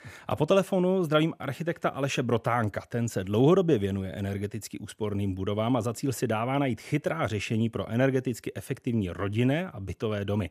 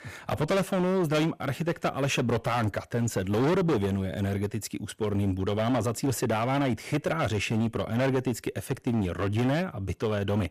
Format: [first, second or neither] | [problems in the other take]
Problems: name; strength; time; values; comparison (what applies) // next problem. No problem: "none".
first | distortion; heavy; 15% of the sound clipped